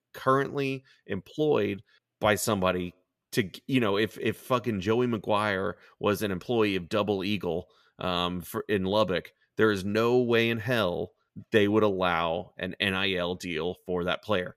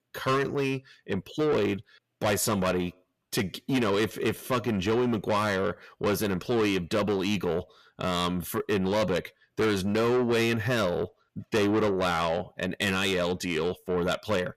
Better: first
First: none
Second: distortion; heavy; 7 dB below the speech

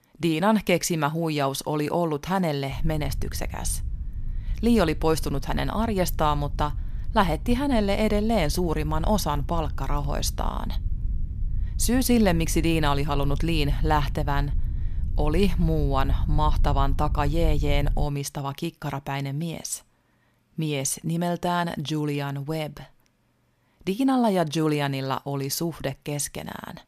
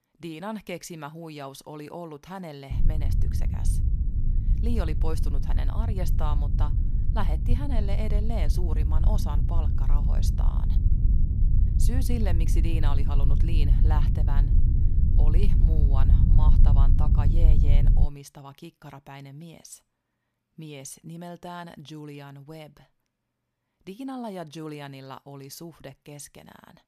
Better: first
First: low rumble; faint; from 2.5 to 18 s; 20 dB below the speech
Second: low rumble; loud; from 2.5 to 18 s; 3 dB below the speech

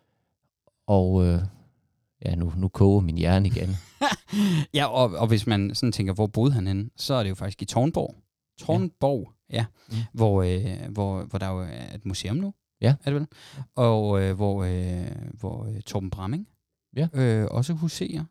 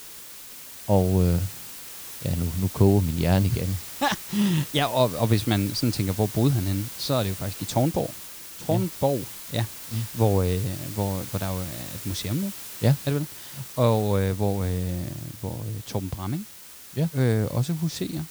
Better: first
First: none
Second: hiss; noticeable; throughout; 10 dB below the speech

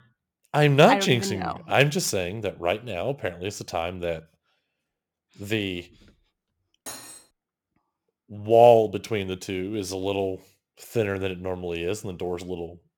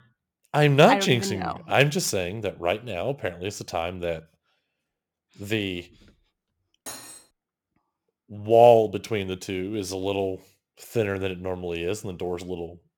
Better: neither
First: clattering dishes; faint; at 7 s; peak 15 dB below the speech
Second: clattering dishes; faint; at 7 s; peak 15 dB below the speech

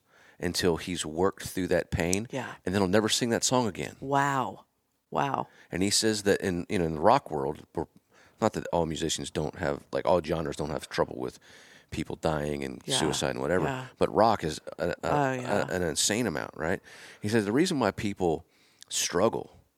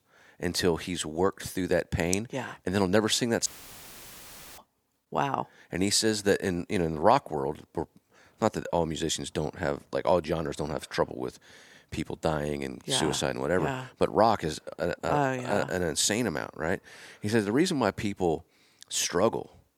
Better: first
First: none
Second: audio cutting out; filled with static; at 3.5 s for 1 s

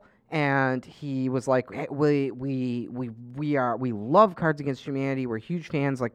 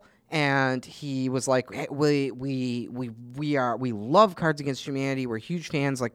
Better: second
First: muffled; slightly; fading above 3 kHz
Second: none

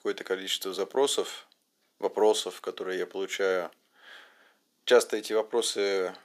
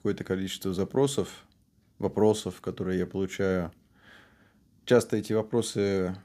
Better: second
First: thin; very; fading below 450 Hz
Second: none

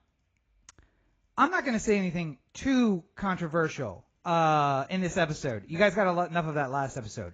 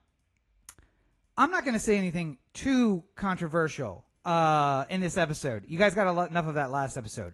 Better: second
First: garbled, watery; badly; nothing above 7.5 kHz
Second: garbled, watery; slightly; nothing above 11 kHz

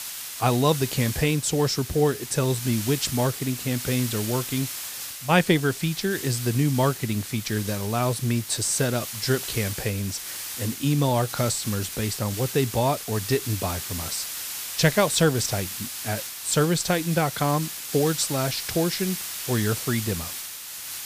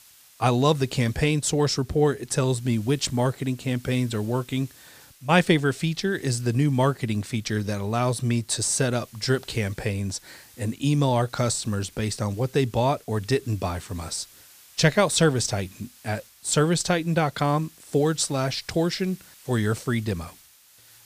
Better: second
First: hiss; loud; throughout; 7 dB below the speech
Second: hiss; faint; throughout; 25 dB below the speech

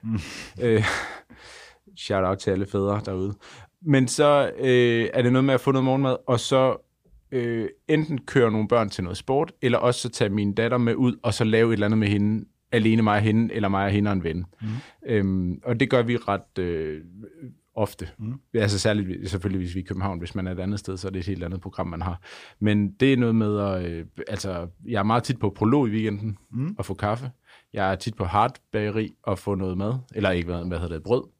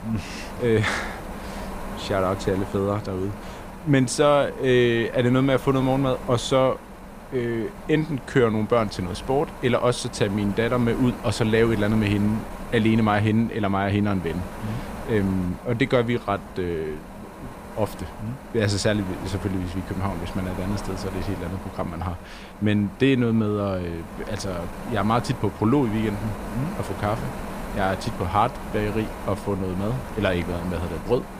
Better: first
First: none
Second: wind noise on the microphone; occasional gusts; 10 dB below the speech

